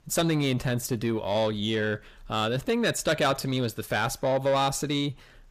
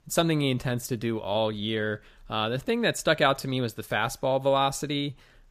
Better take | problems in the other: second | distortion; slight; 10 dB below the speech

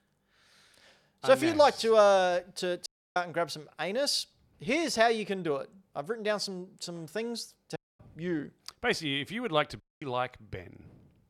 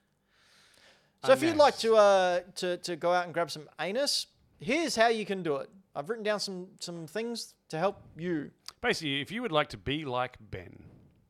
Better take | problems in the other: second | audio cutting out; at 3 s, at 8 s and at 10 s

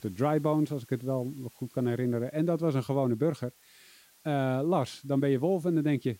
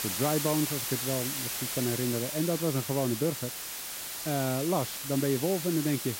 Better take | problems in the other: first | hiss; loud; throughout; 2 dB below the speech; faint in the first

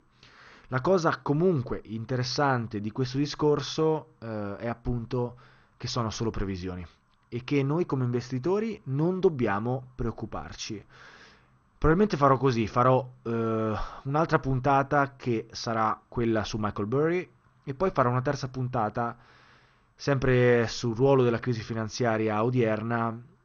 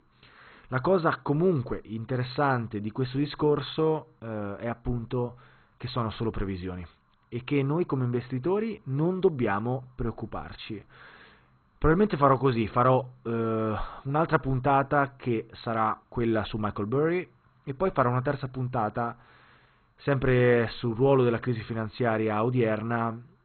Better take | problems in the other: first | garbled, watery; badly; nothing above 4 kHz; slightly in the first

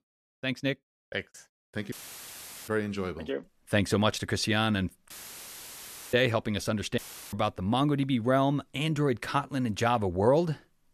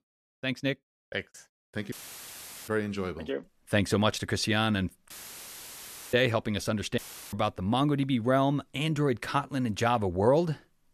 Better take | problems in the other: neither | audio cutting out; filled with static; at 2 s for 1 s, at 5 s for 1 s and at 7 s; the same in both

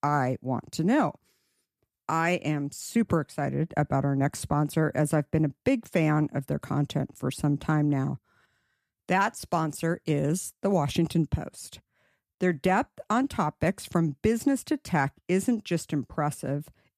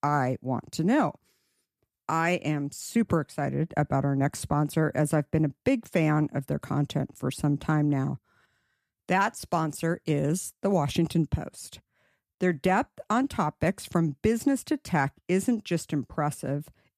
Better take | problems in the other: neither | none

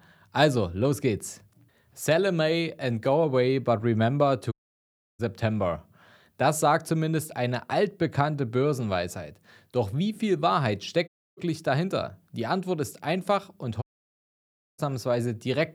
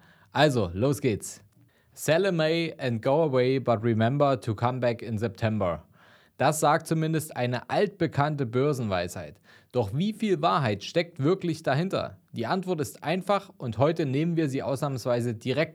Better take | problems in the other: second | audio cutting out; at 4.5 s for 0.5 s, at 11 s and at 14 s for 1 s

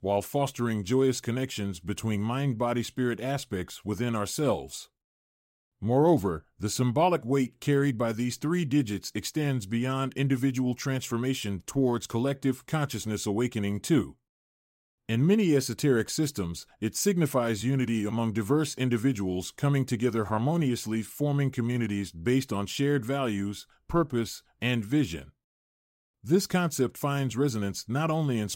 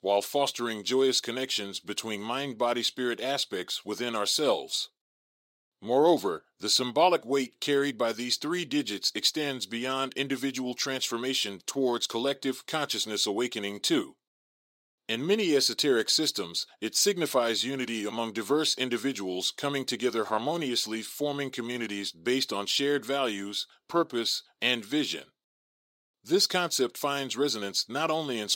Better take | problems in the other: first | thin; somewhat; fading below 400 Hz

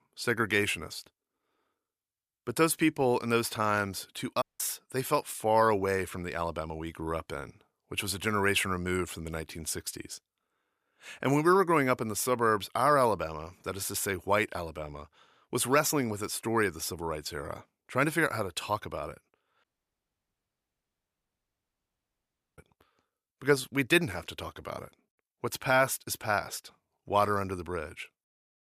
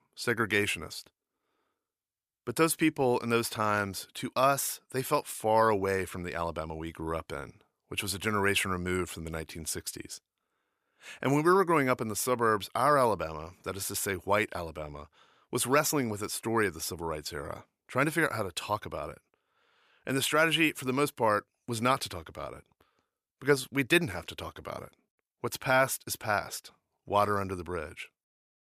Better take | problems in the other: second | audio cutting out; at 4.5 s and at 20 s for 3 s

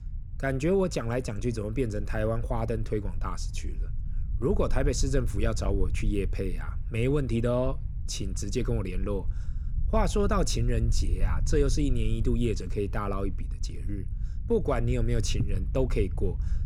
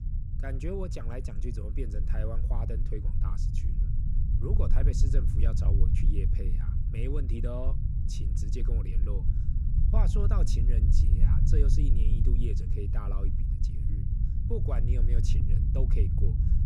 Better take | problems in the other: first | low rumble; loud; throughout; 3 dB below the speech; faint in the first

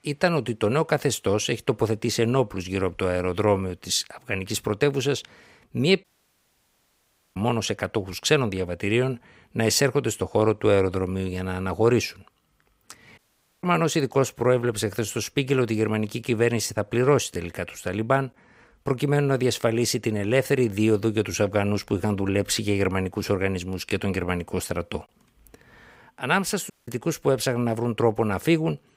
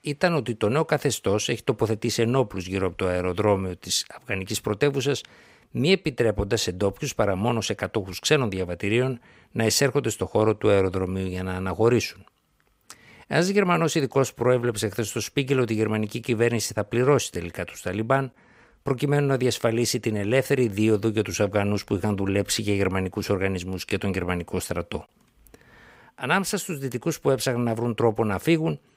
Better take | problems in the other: second | audio cutting out; at 6 s for 1.5 s, at 13 s and at 27 s

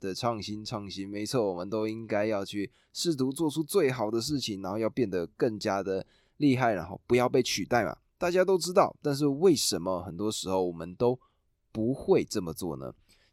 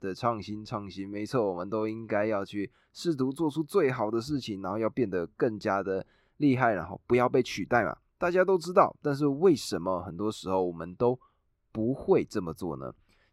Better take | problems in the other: first | muffled; slightly; fading above 3.5 kHz

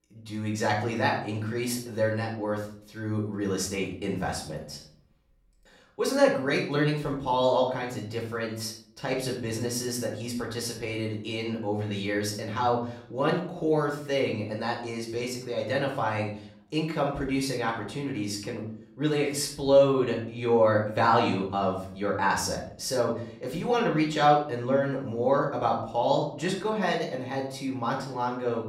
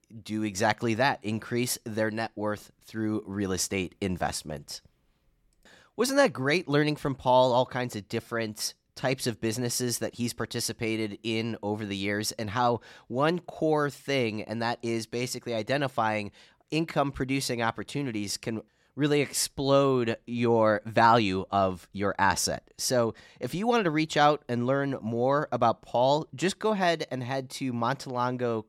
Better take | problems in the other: second | off-mic speech; far // room echo; slight; dies away in 0.5 s

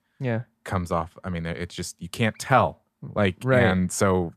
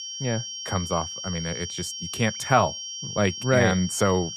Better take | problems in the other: first | high-pitched whine; loud; throughout; 5.5 kHz, 7 dB below the speech

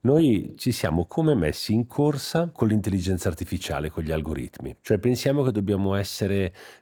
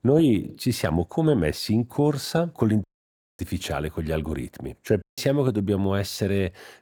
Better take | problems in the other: first | audio cutting out; at 3 s for 0.5 s and at 5 s

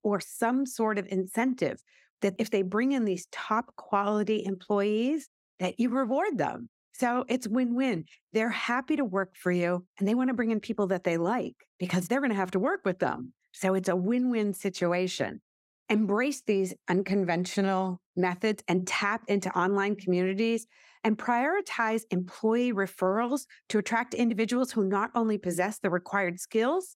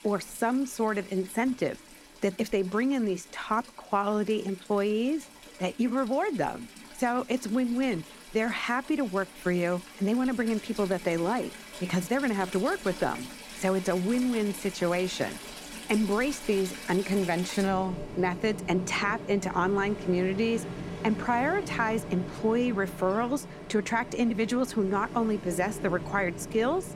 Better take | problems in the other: first | rain or running water; noticeable; throughout; 15 dB below the speech

